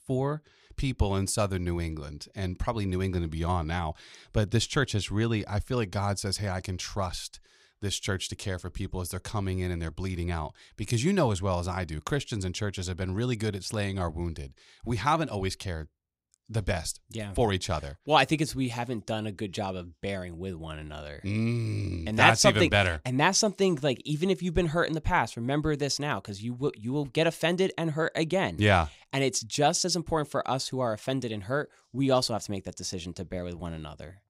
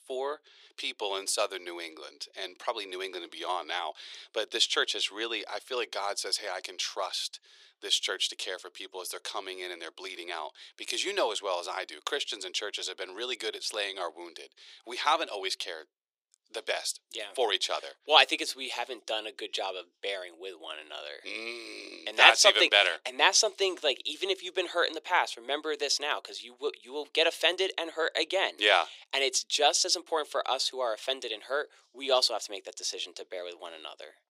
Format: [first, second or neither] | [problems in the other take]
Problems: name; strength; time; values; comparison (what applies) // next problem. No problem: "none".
first | thin; very; fading below 400 Hz